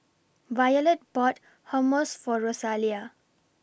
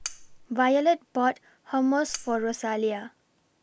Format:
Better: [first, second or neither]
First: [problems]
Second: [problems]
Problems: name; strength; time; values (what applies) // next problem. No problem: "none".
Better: first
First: none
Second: background sound (Cutlery, silverware); 12 dB below the speech